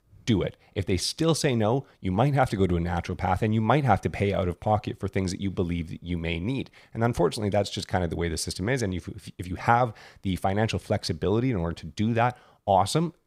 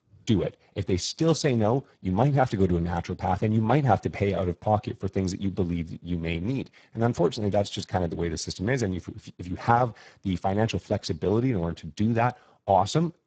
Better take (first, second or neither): first